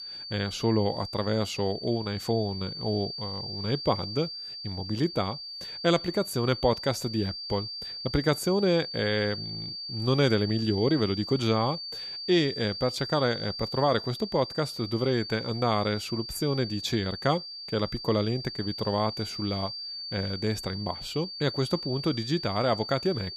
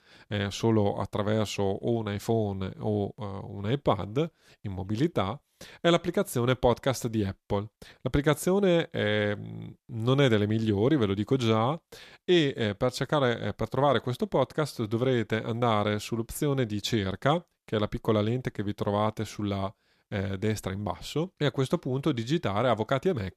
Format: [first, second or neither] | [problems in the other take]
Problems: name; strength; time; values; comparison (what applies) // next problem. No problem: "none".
second | high-pitched whine; loud; throughout; 4.5 kHz, 7 dB below the speech